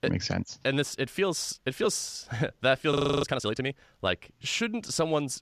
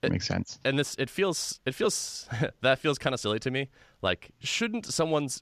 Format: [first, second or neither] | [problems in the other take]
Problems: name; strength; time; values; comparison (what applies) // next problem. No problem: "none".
second | audio freezing; at 3 s